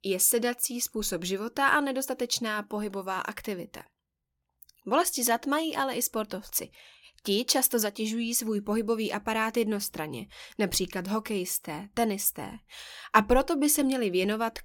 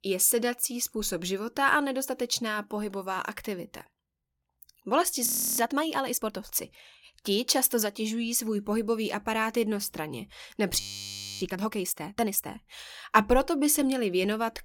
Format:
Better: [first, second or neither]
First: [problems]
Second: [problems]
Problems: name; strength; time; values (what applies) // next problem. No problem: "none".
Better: first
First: none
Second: audio freezing; at 5.5 s and at 11 s for 0.5 s